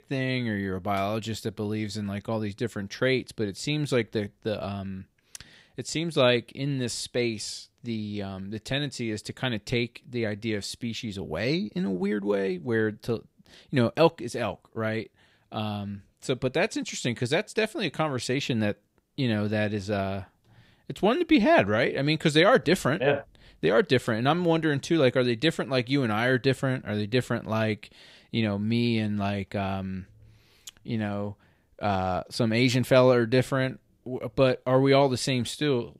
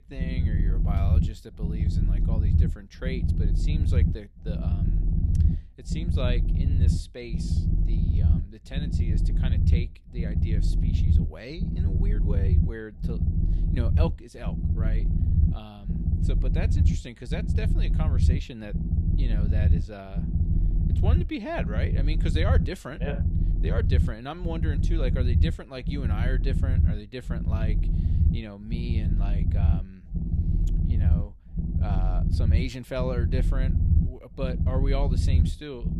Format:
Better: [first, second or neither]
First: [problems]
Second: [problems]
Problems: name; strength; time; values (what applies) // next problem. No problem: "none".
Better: first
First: none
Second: low rumble; loud; throughout; 2 dB below the speech